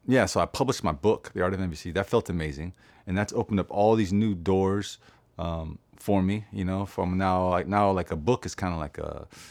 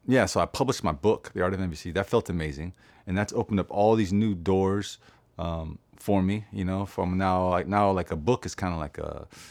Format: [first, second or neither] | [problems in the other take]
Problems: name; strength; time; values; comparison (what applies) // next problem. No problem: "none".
neither | none